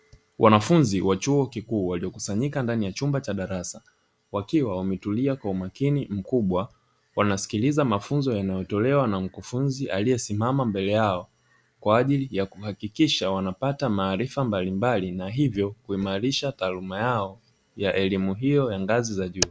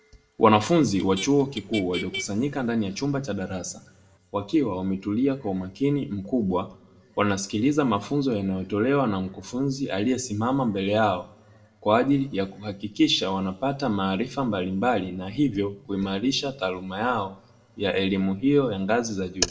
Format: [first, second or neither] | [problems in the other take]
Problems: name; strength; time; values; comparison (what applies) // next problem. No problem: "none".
first | background sound (Motor vehicle (road)); 15 dB below the speech // room echo; dies away in 0.5 s